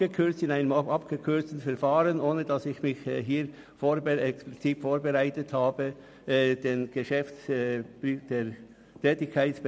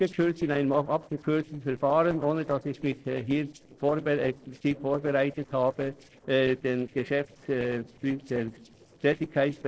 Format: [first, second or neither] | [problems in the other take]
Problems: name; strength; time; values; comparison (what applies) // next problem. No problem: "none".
first | noise reduction (neural separator model SepFormer DNS4)